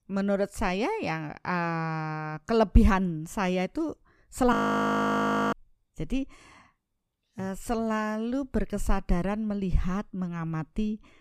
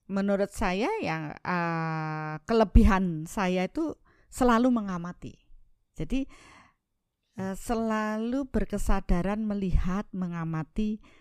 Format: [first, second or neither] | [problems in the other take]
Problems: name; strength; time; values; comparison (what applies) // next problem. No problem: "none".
second | audio freezing; at 4.5 s for 1 s